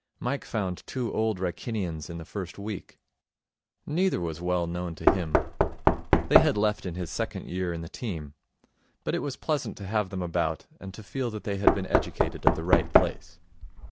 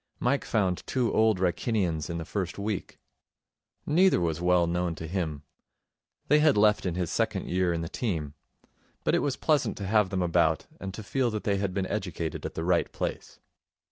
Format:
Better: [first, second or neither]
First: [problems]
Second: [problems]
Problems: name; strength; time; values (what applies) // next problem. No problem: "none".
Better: second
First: background sound (Knock); 4 dB above the speech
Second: none